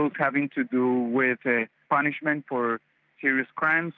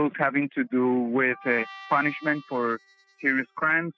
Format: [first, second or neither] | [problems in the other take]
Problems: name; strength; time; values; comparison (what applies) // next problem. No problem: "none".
first | noise reduction (classical method spectral subtraction)